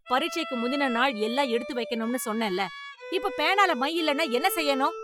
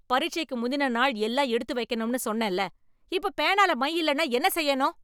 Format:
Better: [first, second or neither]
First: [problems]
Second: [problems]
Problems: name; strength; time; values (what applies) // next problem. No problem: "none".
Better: second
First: noise reduction (classical method Wiener filter)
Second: none